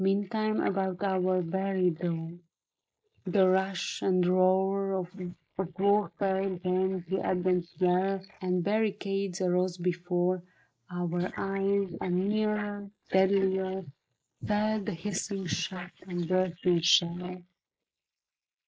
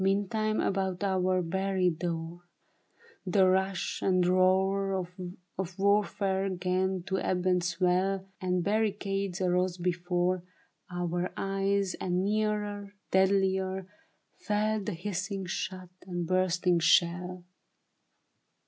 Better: second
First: noise reduction (neural mask model Resemble Enhance denoiser)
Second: none

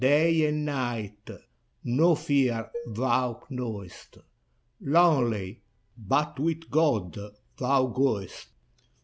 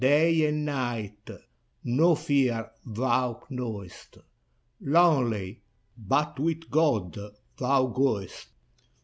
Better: second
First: background sound (Dishes, pots, and pans); 14 dB below the speech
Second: none

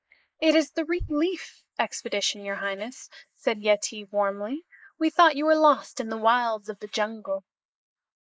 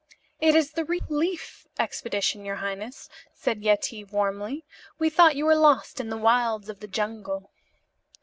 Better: second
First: noise reduction (neural mask model Resemble Enhance denoiser)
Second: none

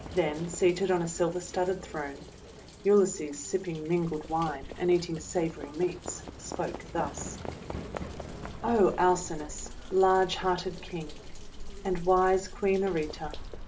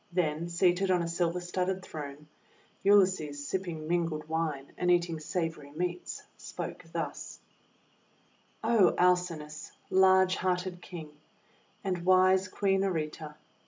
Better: second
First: background sound (Livestock, farm animals, working animals + Thunder); 12 dB below the speech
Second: none

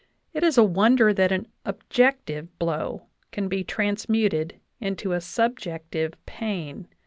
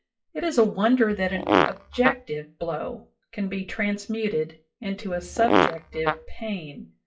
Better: first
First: none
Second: noise reduction (classical method WPE with log-MMSE)

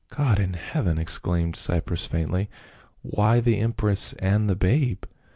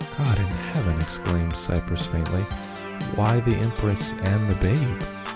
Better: first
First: none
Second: background sound (Organ); 8 dB below the speech

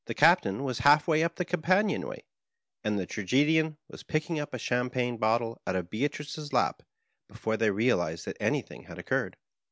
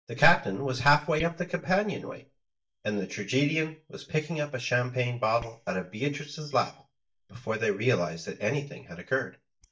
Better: first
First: none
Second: noise reduction (neural mask model DeepFilterNet 3)

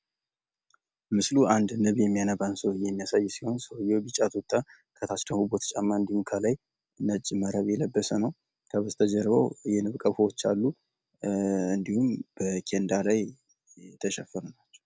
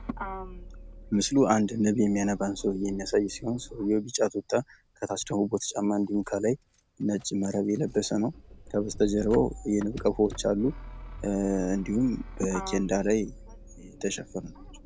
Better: first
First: none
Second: background sound (Motor vehicle (road)); 14 dB below the speech

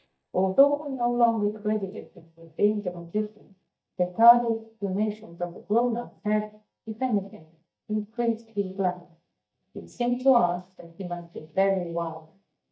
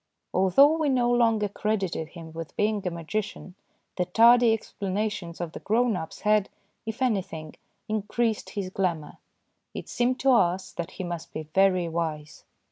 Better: second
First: noise reduction (neural mask model DeepFilterNet 3)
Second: none

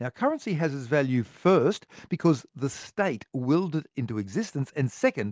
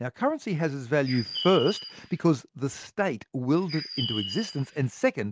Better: first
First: none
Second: background sound (Bird); 9 dB below the speech

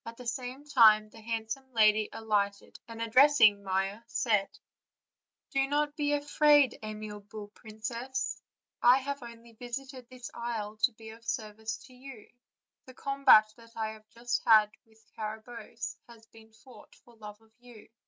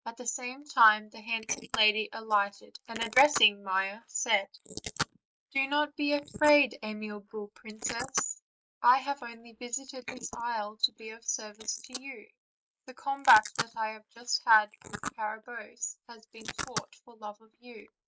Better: first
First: none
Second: noise reduction (neural mask model Resemble Enhance denoiser)

